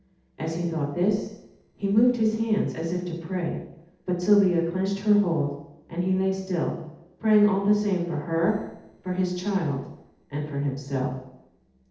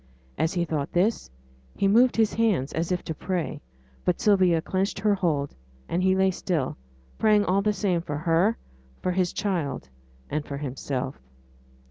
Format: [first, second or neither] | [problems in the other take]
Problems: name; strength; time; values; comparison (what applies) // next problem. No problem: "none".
second | noise reduction (neural separator model SepFormer DNS4)